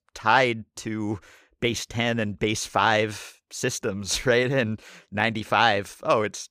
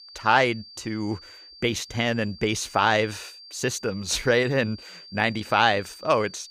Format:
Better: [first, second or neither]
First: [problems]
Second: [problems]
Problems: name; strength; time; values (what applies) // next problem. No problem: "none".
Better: first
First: none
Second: high-pitched whine; noticeable; throughout; 4.5 kHz, 20 dB below the speech